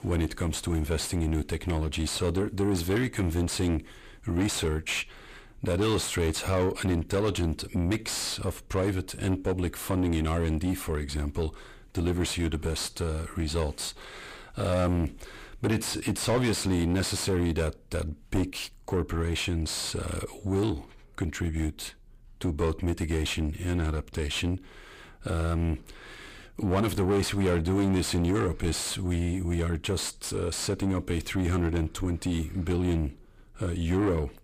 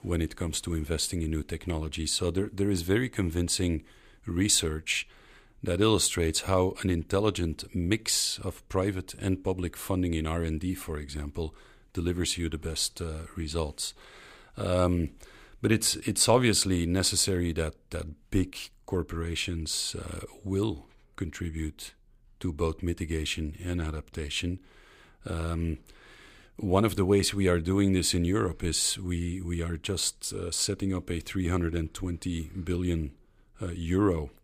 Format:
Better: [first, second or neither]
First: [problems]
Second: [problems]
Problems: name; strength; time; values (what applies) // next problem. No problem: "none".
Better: second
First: distortion; heavy; 7 dB below the speech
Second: none